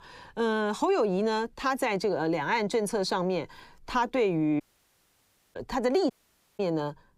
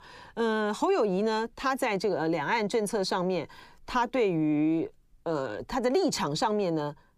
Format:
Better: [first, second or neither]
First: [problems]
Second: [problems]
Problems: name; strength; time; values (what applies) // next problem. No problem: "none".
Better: second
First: audio cutting out; at 4.5 s for 1 s and at 6 s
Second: none